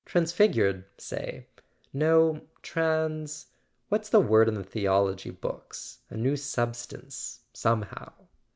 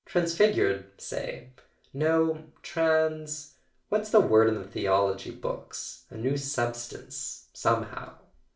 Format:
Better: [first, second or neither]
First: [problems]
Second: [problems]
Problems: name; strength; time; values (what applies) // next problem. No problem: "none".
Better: first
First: none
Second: room echo; dies away in 0.3 s